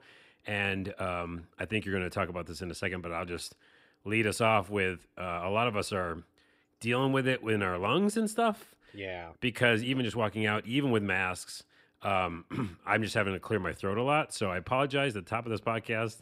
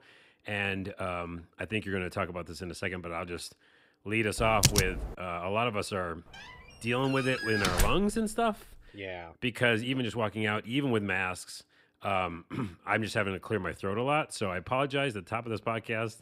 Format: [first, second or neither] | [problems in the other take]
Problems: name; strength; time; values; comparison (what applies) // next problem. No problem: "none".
first | keyboard typing; loud; at 4.5 s; peak 6 dB above the speech // door banging; loud; at 7 s; peak 2 dB above the speech